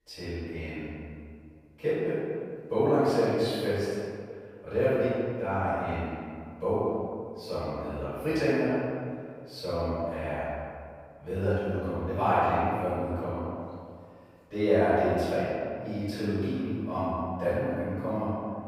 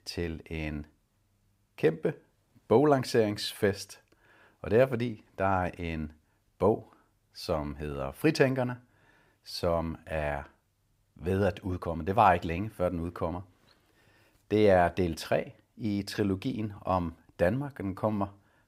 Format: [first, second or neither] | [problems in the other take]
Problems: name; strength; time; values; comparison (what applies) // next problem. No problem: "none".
second | off-mic speech; far // room echo; strong; dies away in 1.9 s